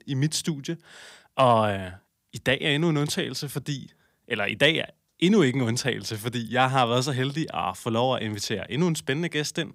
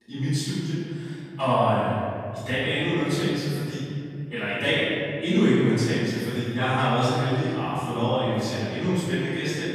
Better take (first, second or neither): first